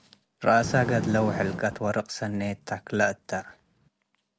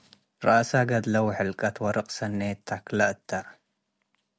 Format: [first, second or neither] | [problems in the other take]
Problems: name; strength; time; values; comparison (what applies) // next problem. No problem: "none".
second | background sound (Fire); 10 dB below the speech